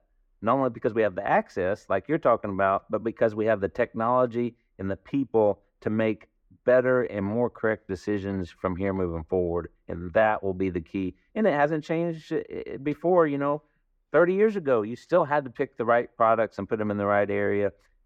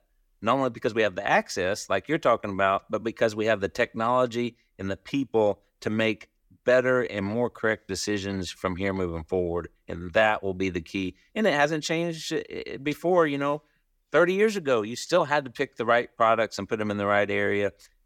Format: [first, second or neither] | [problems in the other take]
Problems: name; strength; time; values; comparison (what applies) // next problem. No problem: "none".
second | muffled; very; fading above 2.5 kHz